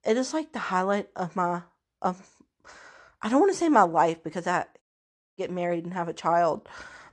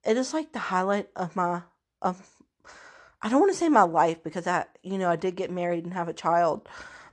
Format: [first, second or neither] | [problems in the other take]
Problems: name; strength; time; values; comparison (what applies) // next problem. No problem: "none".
second | audio cutting out; at 5 s for 0.5 s